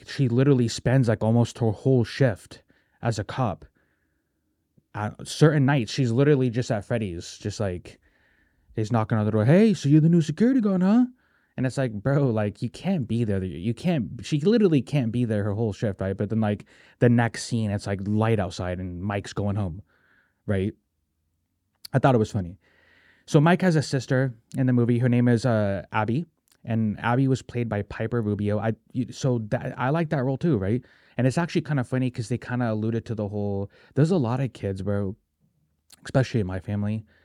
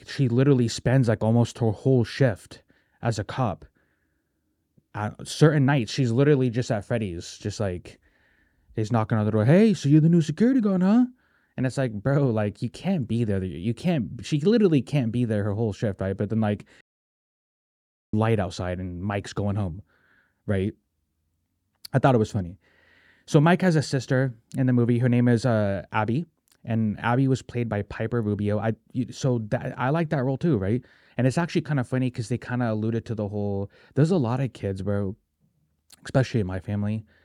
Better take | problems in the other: first | audio cutting out; at 17 s for 1.5 s

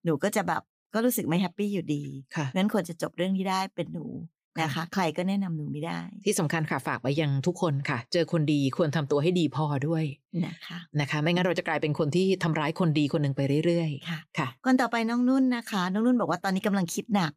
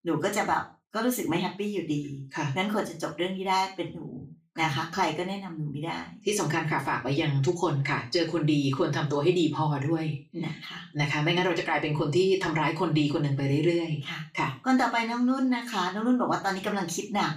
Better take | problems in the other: first | room echo; slight; dies away in 0.3 s // off-mic speech; far

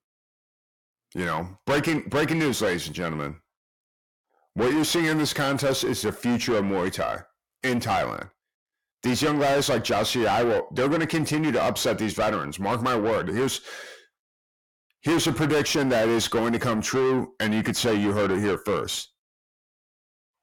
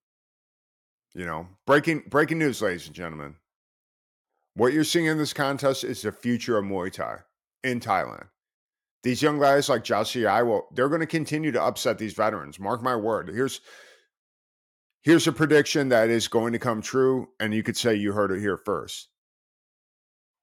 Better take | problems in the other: second | distortion; heavy; 5 dB below the speech

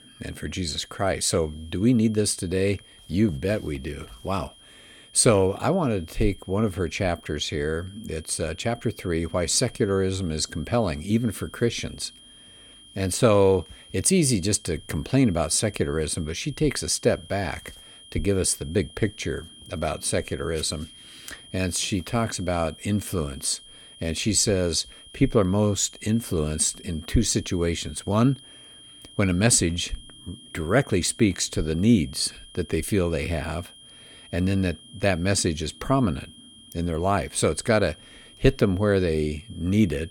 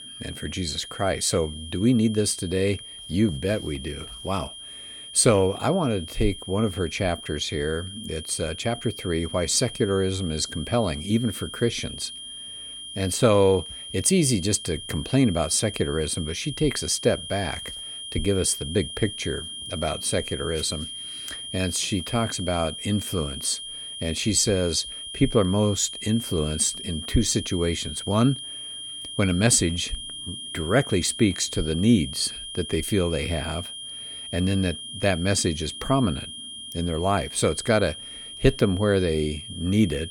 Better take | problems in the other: first | high-pitched whine; loud; throughout; 3 kHz, 10 dB below the speech; faint in the first

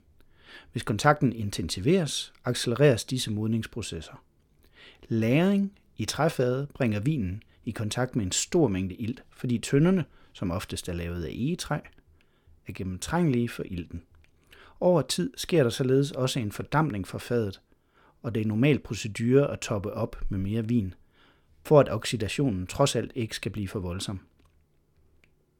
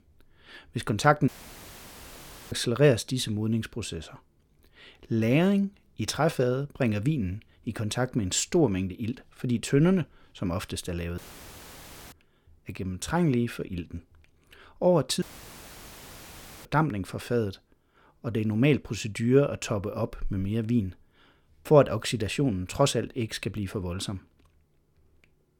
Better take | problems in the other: first | audio cutting out; filled with static; at 1.5 s for 1 s, at 11 s for 1 s and at 15 s for 1.5 s

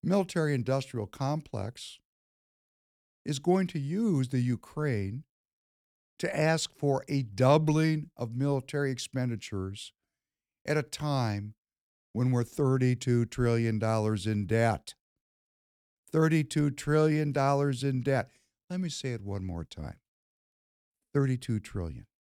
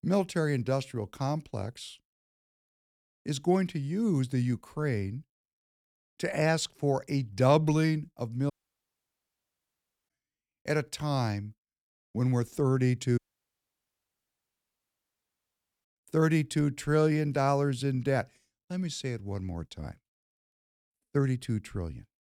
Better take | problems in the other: first | audio cutting out; at 8.5 s for 1.5 s and at 13 s for 2.5 s

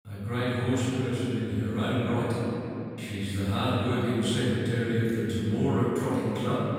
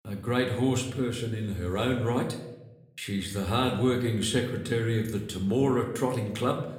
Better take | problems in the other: second | room echo; strong; dies away in 3 s; slight in the second // off-mic speech; far

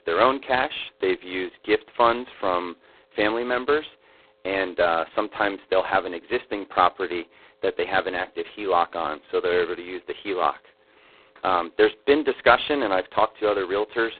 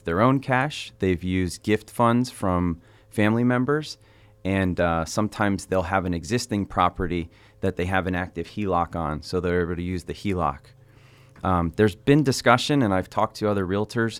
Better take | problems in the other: second | phone-call audio; poor line; nothing above 4 kHz

